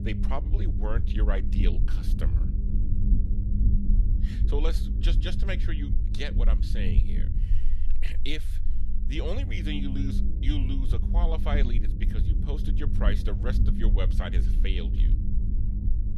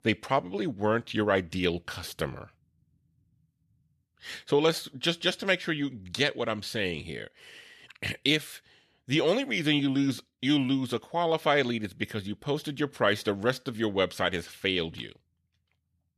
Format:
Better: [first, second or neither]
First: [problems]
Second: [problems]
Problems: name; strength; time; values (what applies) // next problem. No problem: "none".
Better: second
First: low rumble; loud; throughout; 6 dB below the speech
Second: none